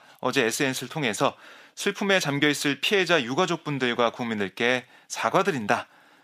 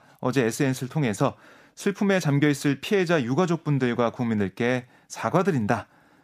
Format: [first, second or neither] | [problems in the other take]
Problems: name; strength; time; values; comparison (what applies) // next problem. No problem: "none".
second | thin; very slightly; fading below 550 Hz